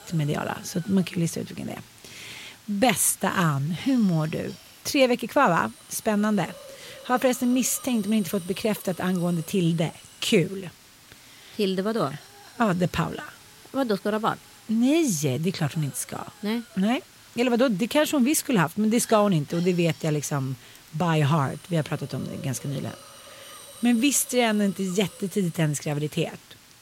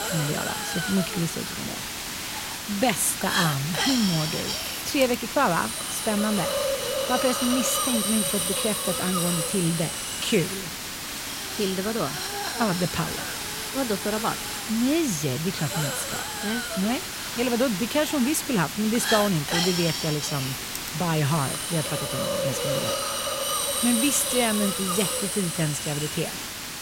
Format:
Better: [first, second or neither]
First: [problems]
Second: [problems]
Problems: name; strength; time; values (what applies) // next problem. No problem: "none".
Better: first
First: hiss; faint; throughout; 20 dB below the speech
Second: hiss; loud; throughout; 1 dB below the speech